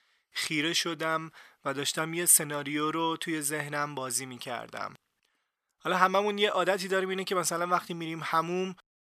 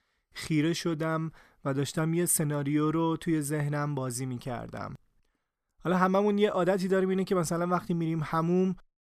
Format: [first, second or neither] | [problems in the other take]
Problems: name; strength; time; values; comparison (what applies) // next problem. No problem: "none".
second | thin; somewhat; fading below 1 kHz